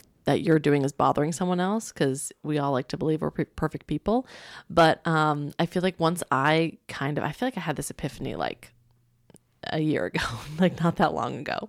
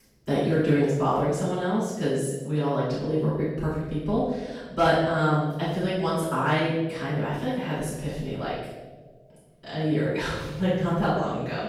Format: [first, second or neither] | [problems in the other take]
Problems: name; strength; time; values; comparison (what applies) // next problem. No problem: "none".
first | off-mic speech; far // room echo; strong; dies away in 1.1 s